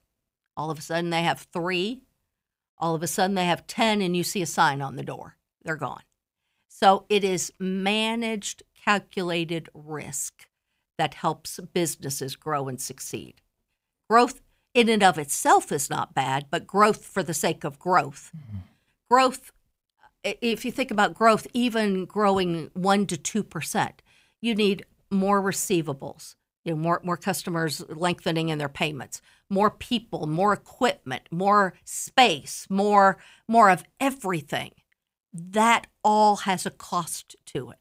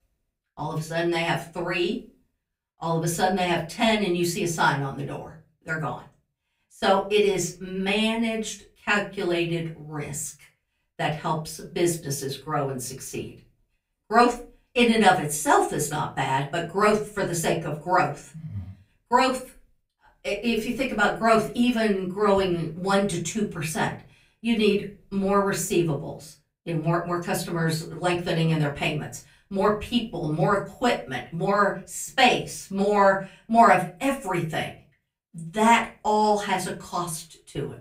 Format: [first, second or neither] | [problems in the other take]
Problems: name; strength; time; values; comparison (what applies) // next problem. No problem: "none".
first | off-mic speech; far // room echo; very slight; dies away in 0.3 s